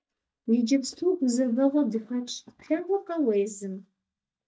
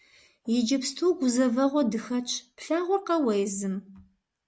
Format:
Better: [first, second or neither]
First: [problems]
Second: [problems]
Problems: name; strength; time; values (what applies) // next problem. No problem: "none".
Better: second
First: noise reduction (neural mask model DeepFilterNet 3)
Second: none